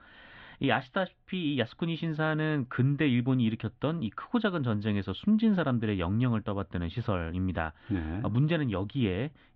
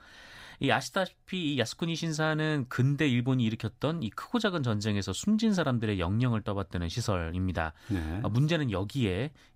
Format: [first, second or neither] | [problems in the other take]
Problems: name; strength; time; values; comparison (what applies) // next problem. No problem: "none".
second | muffled; very; fading above 3.5 kHz